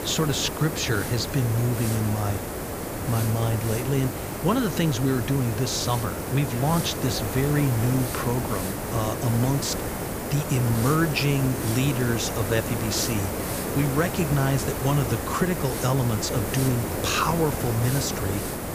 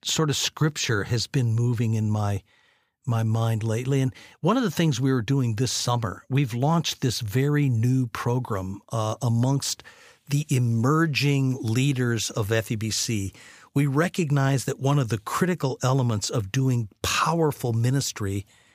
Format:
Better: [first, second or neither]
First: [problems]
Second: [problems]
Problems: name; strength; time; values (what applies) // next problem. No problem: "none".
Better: second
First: hiss; loud; throughout; 4 dB below the speech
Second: none